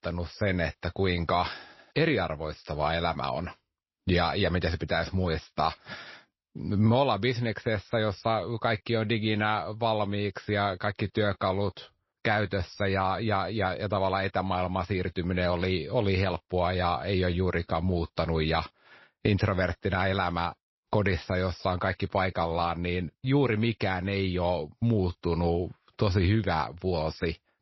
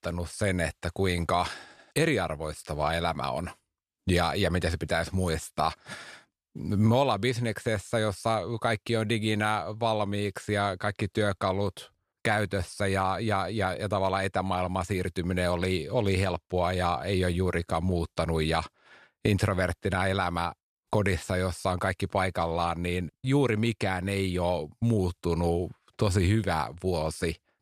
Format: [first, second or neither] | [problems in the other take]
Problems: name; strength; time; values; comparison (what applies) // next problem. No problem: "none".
second | garbled, watery; slightly; nothing above 5.5 kHz